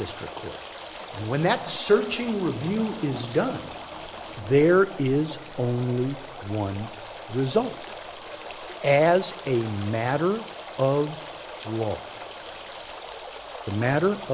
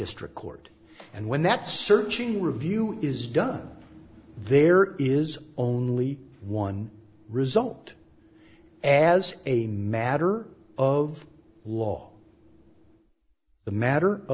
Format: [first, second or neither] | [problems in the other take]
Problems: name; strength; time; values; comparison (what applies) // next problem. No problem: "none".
second | background sound (Stream); 13 dB below the speech